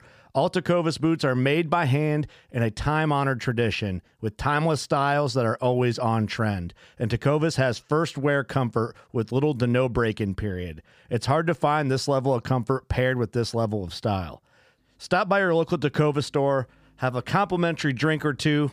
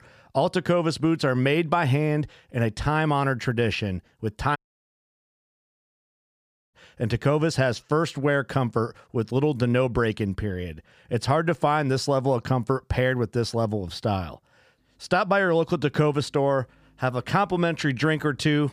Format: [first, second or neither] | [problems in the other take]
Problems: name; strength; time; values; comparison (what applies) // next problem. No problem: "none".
first | audio cutting out; at 4.5 s for 2 s